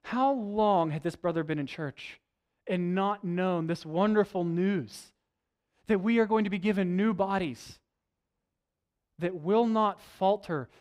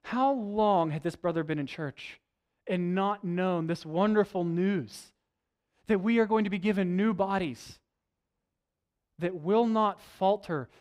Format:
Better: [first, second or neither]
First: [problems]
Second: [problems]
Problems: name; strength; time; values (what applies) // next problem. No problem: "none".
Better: neither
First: none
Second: none